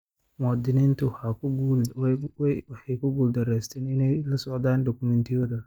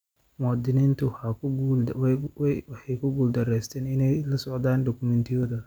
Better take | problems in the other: second | noise reduction (neural mask model DeepFilterNet 3)

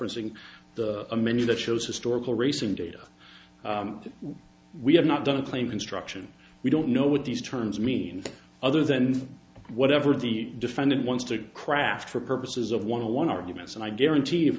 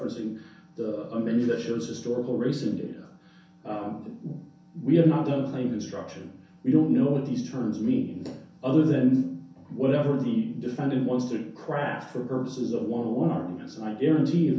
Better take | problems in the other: first | room echo; dies away in 0.6 s

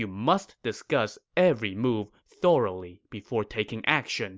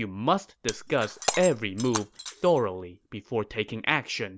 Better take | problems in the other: first | background sound (Shatter); 10 dB below the speech

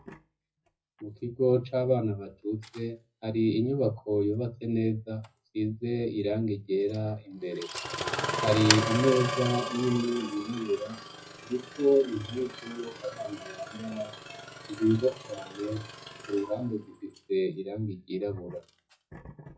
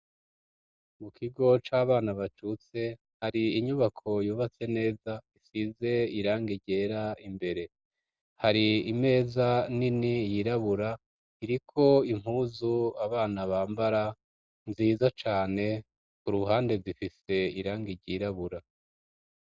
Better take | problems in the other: second | noise reduction (classical method WPE with log-MMSE)

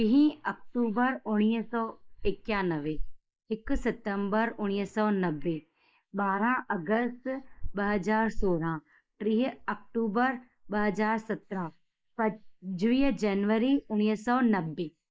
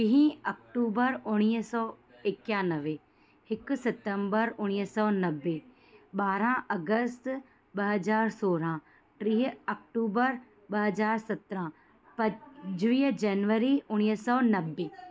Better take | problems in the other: second | noise reduction (neural mask model Resemble Enhance denoiser)

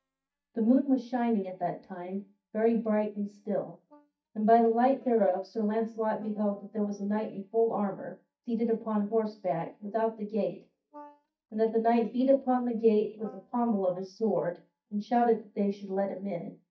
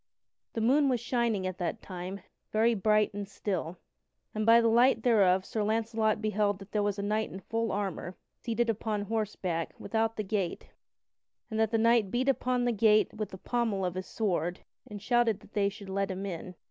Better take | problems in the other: second | noise reduction (neural mask model DeepFilterNet 3)

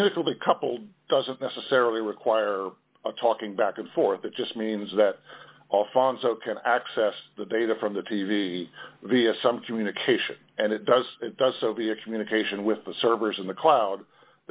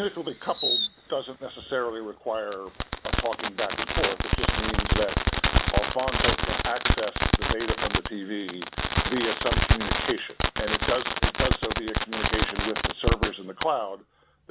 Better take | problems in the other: first | background sound (Fireworks); 5 dB above the speech

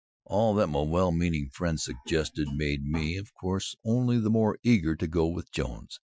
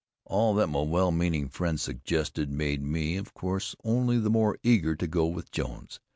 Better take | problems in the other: second | noise reduction (classical method Wiener filter)

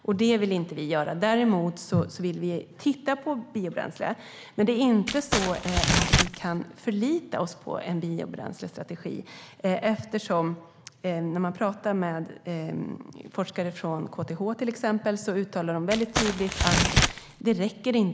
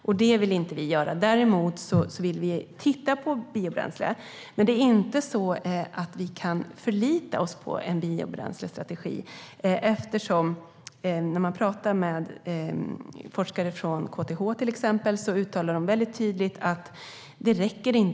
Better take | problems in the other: second | background sound (Crumpling, crinkling); 2 dB above the speech

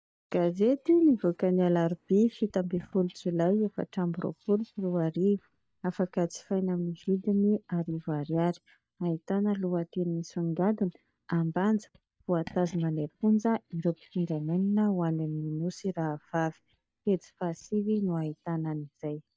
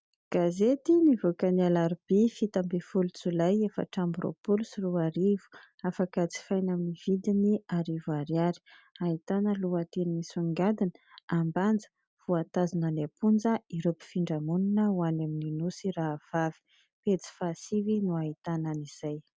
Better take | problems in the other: second | noise reduction (neural mask model DeepFilterNet 3)

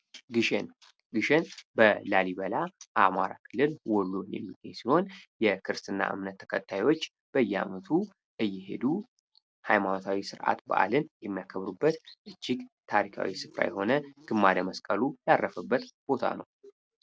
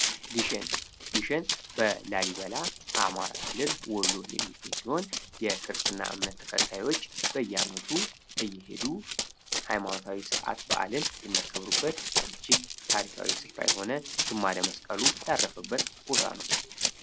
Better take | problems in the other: first | background sound (Run); 2 dB above the speech

